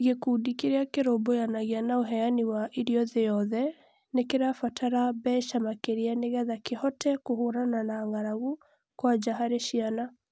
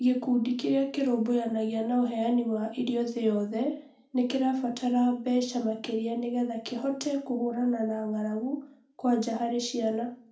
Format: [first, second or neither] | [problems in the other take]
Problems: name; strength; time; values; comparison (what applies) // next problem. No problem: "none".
first | room echo; dies away in 0.4 s